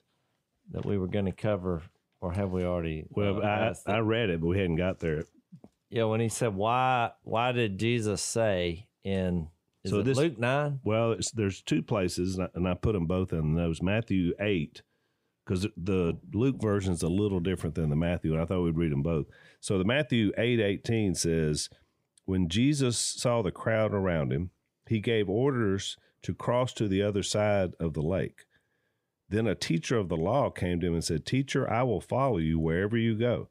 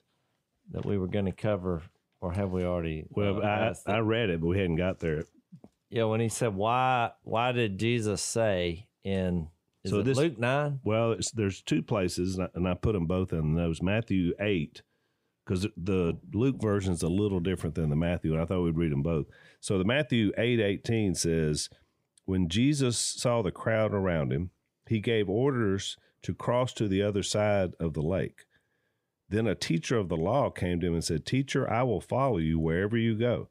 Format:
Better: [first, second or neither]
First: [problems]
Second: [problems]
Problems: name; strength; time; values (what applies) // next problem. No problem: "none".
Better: neither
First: none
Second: none